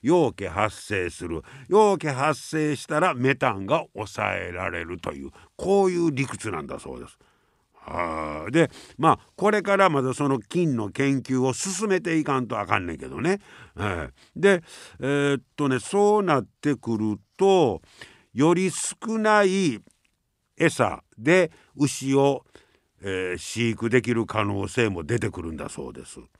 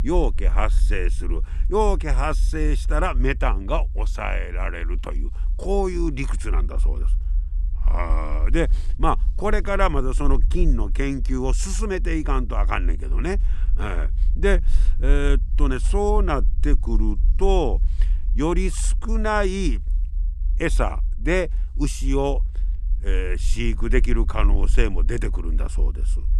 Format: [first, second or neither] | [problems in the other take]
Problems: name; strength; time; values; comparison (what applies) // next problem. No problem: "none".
first | low rumble; faint; throughout; 20 dB below the speech